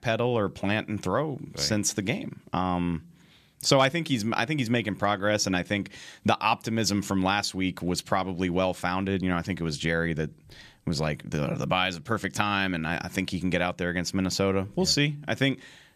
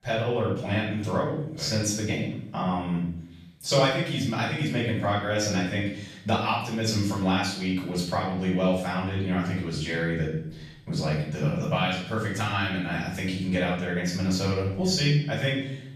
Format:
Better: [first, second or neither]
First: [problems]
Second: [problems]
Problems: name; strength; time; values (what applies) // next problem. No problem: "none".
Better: first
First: none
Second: off-mic speech; far // room echo; noticeable; dies away in 0.7 s